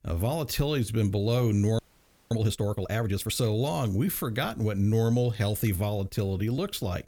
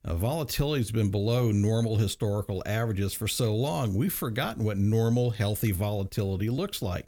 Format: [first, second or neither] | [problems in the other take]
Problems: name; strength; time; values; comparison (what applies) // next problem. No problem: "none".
second | audio freezing; at 2 s for 0.5 s